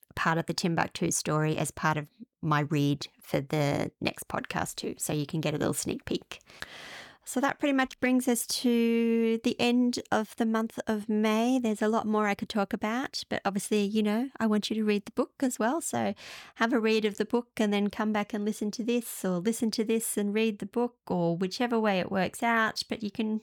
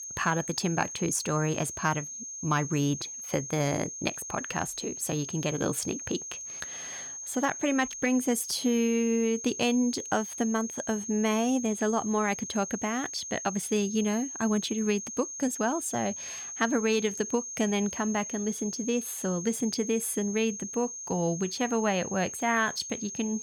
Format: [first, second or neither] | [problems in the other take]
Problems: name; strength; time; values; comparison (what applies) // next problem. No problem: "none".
first | high-pitched whine; loud; throughout; 6.5 kHz, 7 dB below the speech